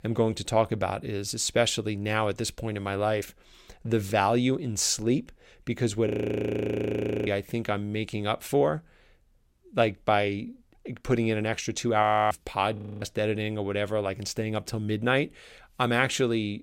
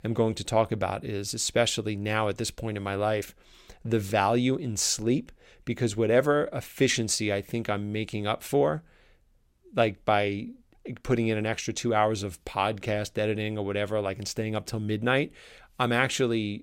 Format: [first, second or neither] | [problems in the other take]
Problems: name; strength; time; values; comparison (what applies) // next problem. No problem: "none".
second | audio freezing; at 6 s for 1 s, at 12 s and at 13 s